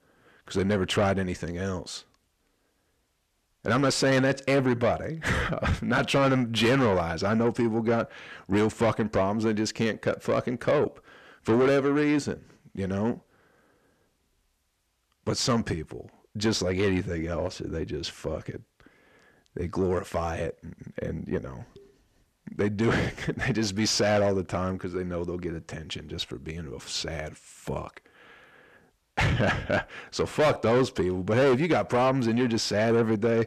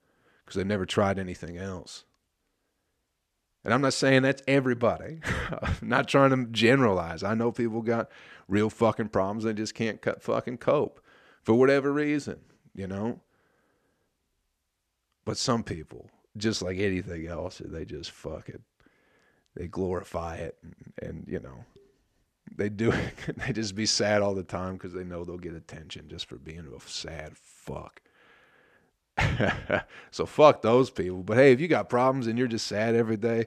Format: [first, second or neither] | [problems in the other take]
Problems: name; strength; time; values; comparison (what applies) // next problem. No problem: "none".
second | distortion; heavy; 7 dB below the speech